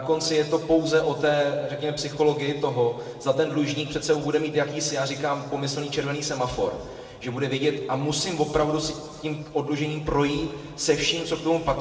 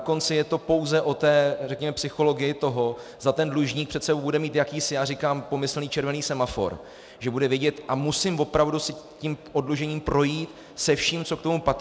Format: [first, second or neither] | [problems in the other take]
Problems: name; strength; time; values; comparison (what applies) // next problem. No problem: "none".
second | room echo; dies away in 1.8 s